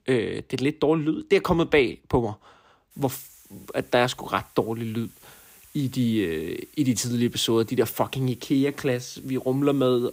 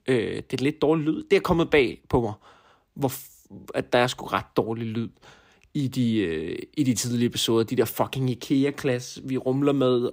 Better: second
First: hiss; faint; from 3 s on; 25 dB below the speech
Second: none

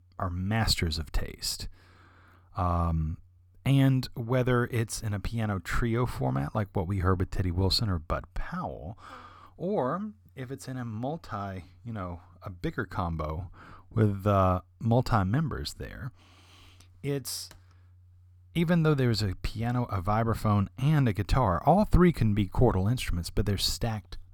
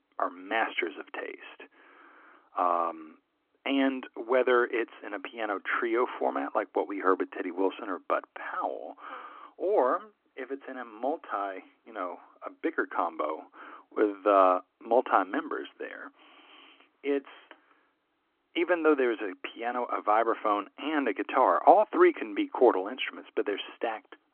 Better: first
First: none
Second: phone-call audio

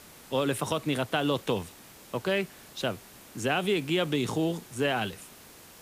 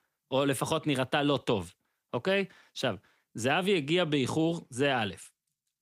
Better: second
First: hiss; noticeable; throughout; 20 dB below the speech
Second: none

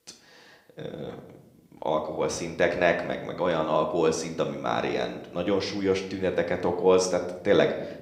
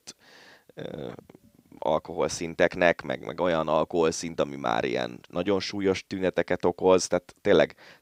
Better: second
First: room echo; slight; dies away in 0.6 s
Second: none

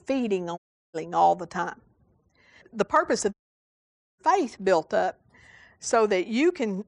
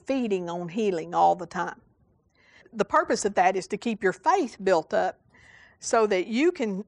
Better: second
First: audio cutting out; at 0.5 s and at 3.5 s for 1 s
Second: none

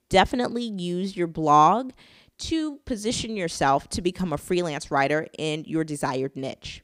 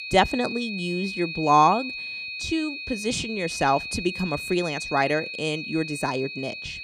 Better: first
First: none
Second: high-pitched whine; loud; throughout; 2.5 kHz, 7 dB below the speech

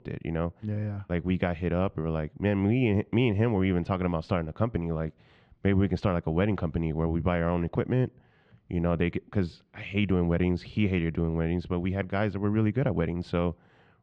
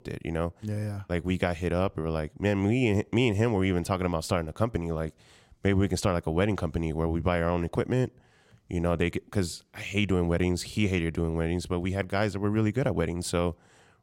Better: second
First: muffled; slightly; fading above 3 kHz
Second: none

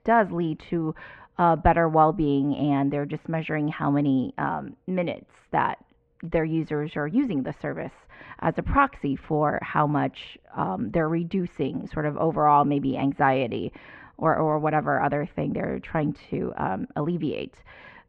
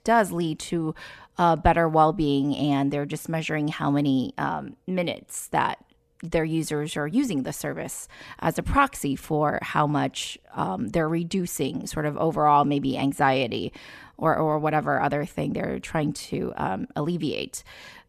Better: second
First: muffled; very; fading above 2.5 kHz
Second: none

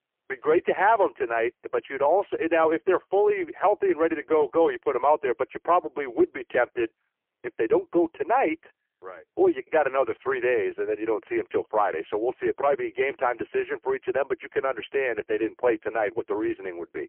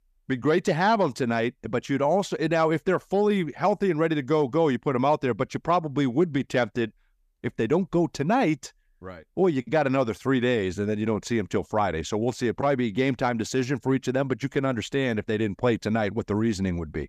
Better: second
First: phone-call audio; poor line; nothing above 3 kHz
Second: none

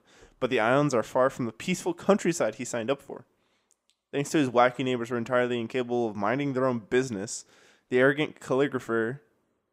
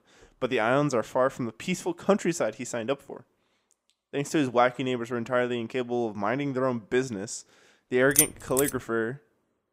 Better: first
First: none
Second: jangling keys; loud; at 8 s; peak 5 dB above the speech

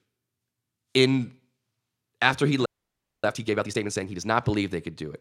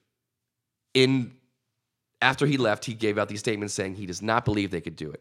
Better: second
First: audio freezing; at 2.5 s for 0.5 s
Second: none

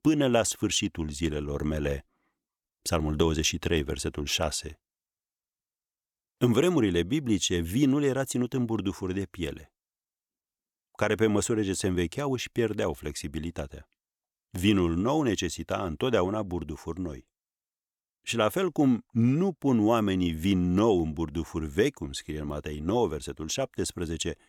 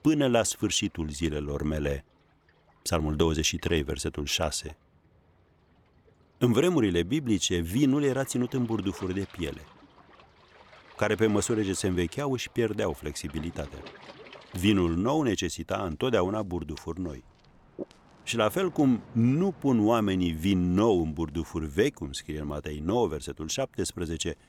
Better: first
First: none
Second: rain or running water; faint; throughout; 25 dB below the speech

